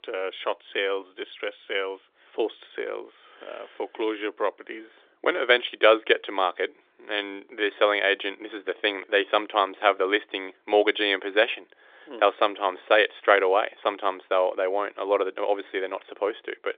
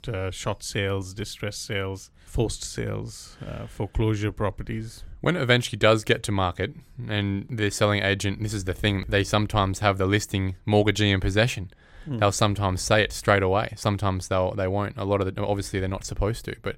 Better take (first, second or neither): second